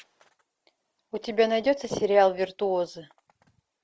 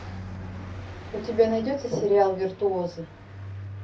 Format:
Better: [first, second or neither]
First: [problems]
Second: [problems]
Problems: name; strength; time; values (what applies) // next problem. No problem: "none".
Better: first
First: none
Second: background sound (Car passing by); 12 dB below the speech // room echo; dies away in 0.3 s